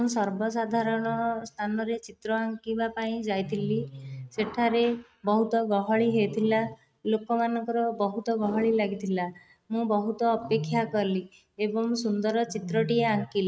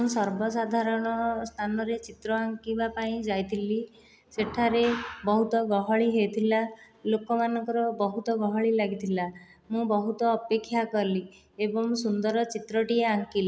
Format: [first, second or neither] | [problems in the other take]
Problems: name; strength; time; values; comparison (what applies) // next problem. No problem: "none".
second | noise reduction (neural mask model RNNoise)